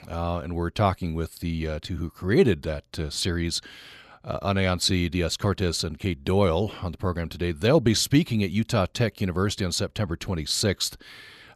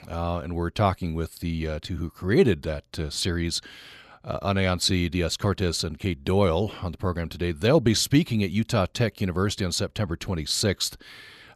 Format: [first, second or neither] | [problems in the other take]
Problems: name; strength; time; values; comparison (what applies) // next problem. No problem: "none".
neither | none